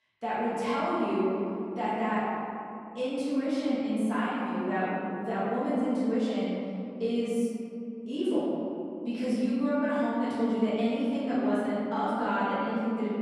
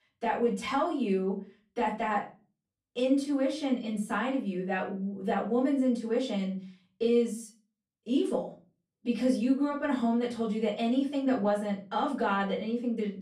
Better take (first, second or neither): second